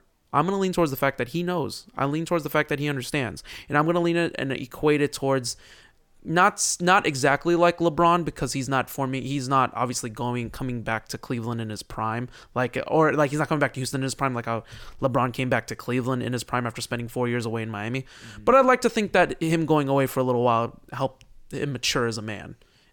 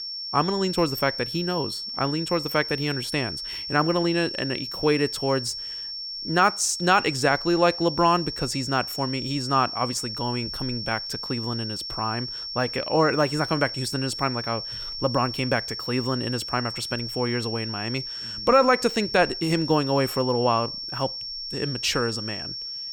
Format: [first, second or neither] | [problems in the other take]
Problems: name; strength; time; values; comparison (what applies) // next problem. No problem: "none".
first | high-pitched whine; loud; throughout; 5.5 kHz, 6 dB below the speech